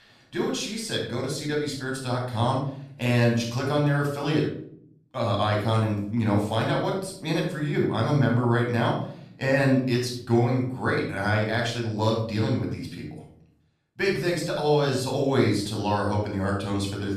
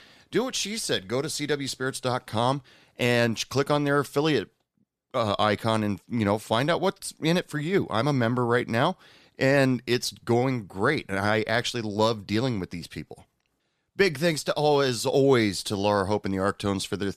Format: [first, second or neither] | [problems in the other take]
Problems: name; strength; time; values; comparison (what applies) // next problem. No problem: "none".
second | off-mic speech; far // room echo; noticeable; dies away in 0.6 s